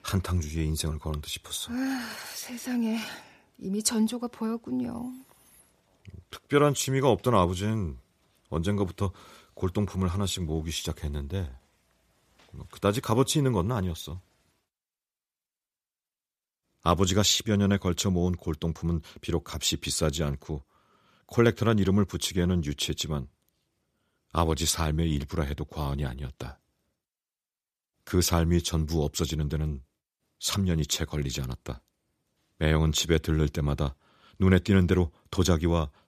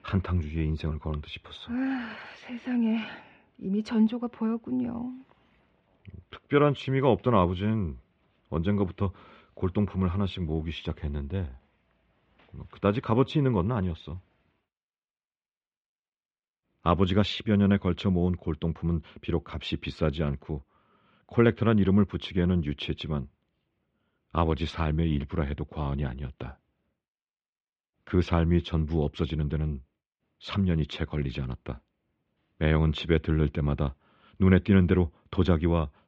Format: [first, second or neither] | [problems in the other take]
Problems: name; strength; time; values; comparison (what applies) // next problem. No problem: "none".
first | muffled; very; fading above 3 kHz